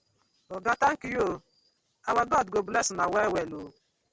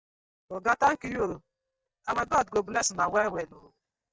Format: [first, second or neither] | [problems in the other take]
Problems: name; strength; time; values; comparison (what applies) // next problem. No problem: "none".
first | noise reduction (neural mask model DeepFilterNet 3)